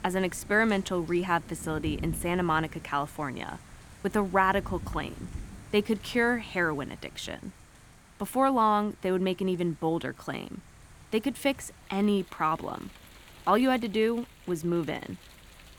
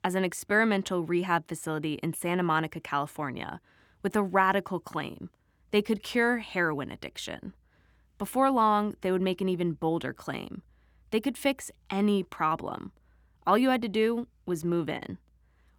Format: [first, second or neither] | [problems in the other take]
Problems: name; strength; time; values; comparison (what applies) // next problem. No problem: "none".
second | rain or running water; noticeable; throughout; 20 dB below the speech